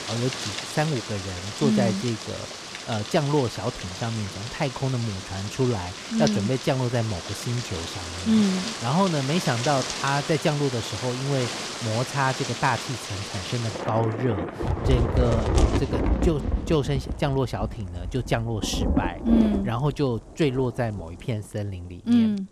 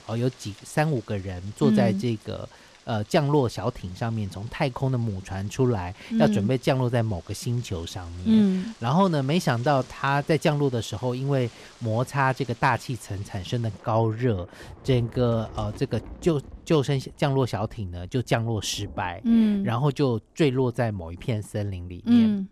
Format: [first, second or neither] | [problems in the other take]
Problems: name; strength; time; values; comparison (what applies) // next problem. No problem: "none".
second | rain or running water; loud; throughout; 4 dB below the speech; faint in the second